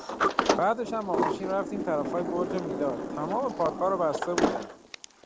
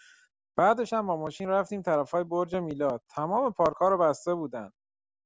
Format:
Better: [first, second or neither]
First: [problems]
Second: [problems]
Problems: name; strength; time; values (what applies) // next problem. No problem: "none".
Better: second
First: background sound (Sliding door); as loud as the speech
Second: none